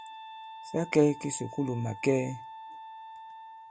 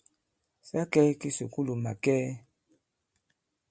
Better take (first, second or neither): second